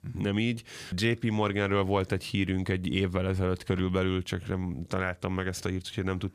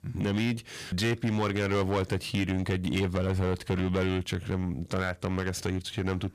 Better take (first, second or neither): first